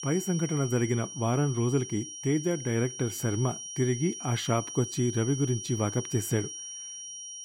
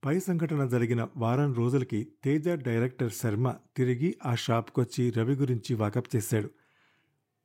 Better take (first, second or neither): second